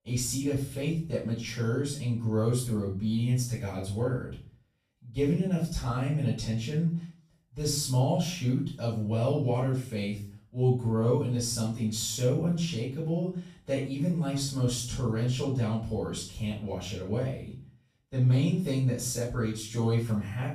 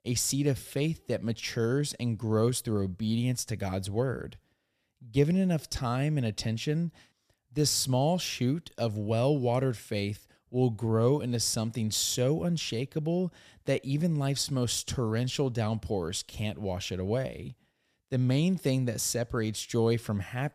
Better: second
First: off-mic speech; far // room echo; noticeable; dies away in 0.4 s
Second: none

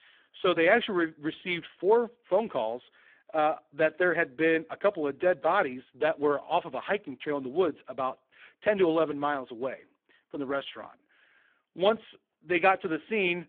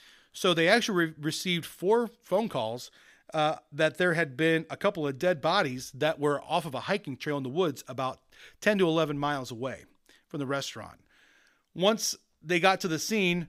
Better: second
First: phone-call audio; poor line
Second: none

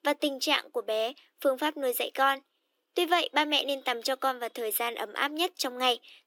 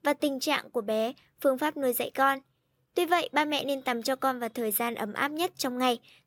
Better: second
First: thin; very slightly; fading below 300 Hz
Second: none

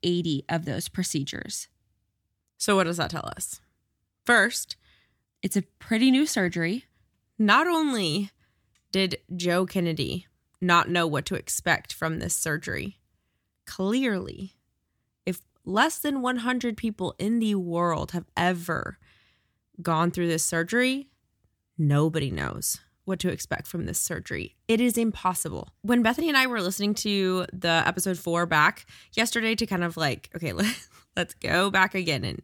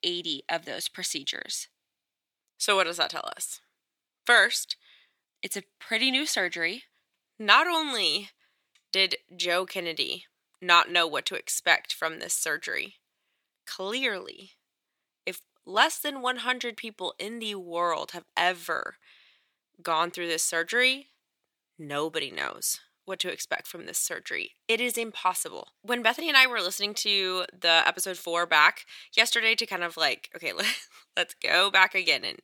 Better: first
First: none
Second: thin; very; fading below 550 Hz

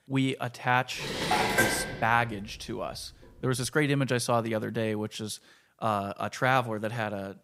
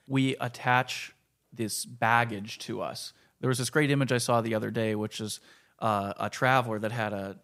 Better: second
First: clattering dishes; loud; at 1 s; peak 5 dB above the speech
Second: none

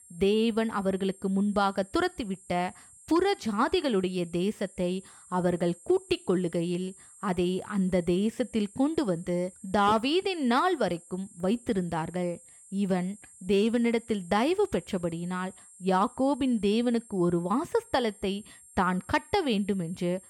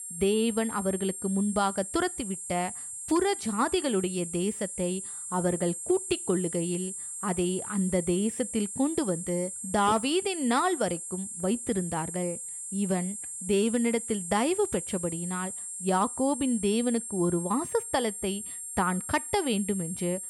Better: first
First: high-pitched whine; faint; throughout; 8.5 kHz, 20 dB below the speech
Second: high-pitched whine; loud; throughout; 8.5 kHz, 6 dB below the speech

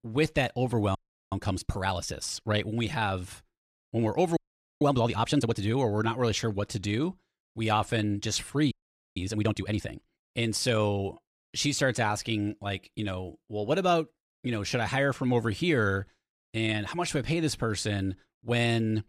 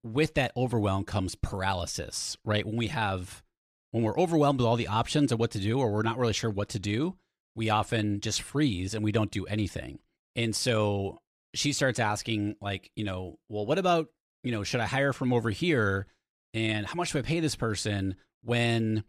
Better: second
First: audio freezing; at 1 s, at 4.5 s and at 8.5 s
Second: none

